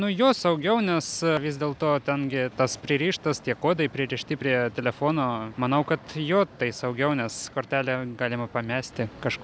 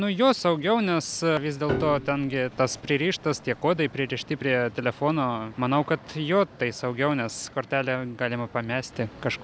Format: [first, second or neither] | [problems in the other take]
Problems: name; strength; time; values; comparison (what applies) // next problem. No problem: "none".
first | background sound (Piano); 12 dB below the speech